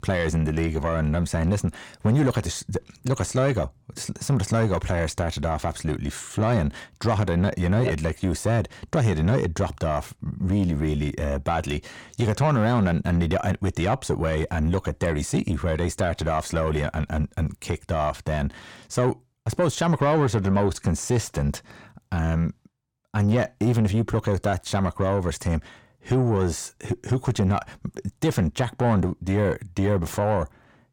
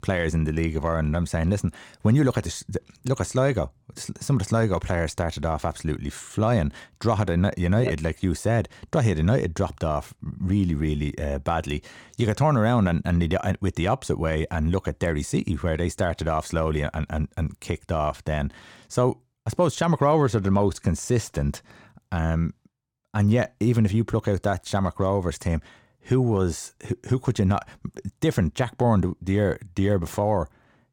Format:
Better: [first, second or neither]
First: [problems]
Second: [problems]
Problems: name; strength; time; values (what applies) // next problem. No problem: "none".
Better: second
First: distortion; slight; 10 dB below the speech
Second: none